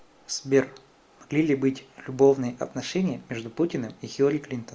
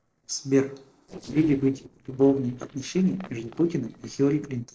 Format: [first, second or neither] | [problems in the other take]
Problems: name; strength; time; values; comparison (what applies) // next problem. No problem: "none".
first | noise reduction (neural separator model SepFormer DNS4)